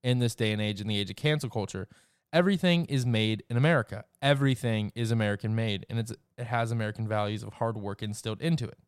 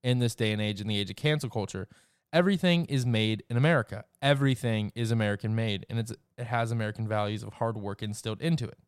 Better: neither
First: none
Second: none

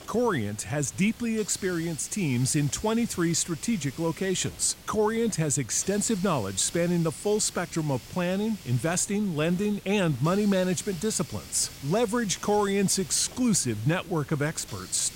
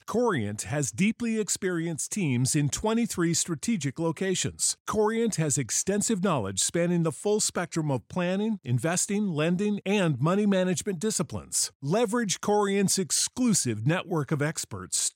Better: second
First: hiss; noticeable; throughout; 15 dB below the speech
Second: none

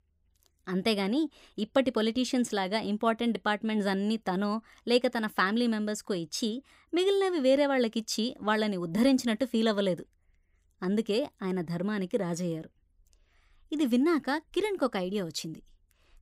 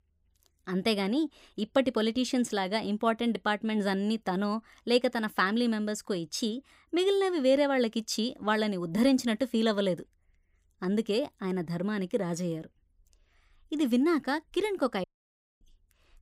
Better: first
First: none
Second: audio cutting out; at 15 s for 0.5 s

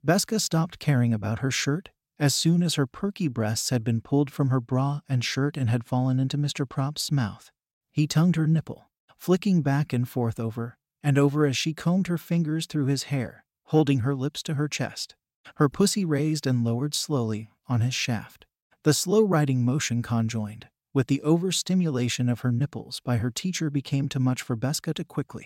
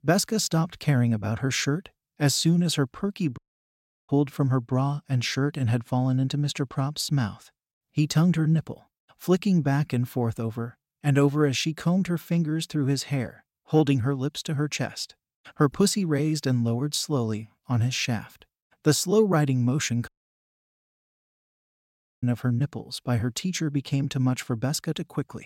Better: first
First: none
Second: audio cutting out; at 3.5 s for 0.5 s and at 20 s for 2 s

